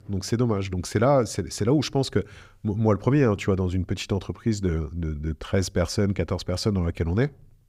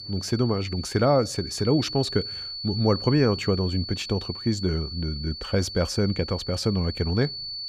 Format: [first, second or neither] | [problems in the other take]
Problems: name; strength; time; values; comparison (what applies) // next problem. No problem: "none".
first | high-pitched whine; loud; throughout; 4.5 kHz, 8 dB below the speech